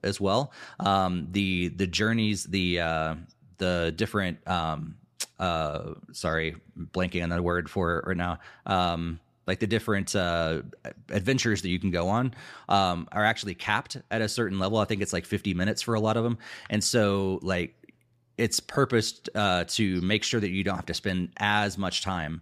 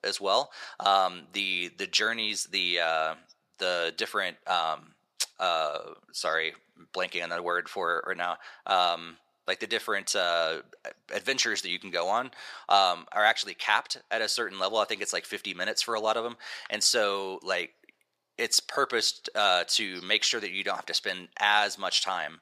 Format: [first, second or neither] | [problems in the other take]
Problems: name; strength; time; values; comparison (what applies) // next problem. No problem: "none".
first | thin; very; fading below 650 Hz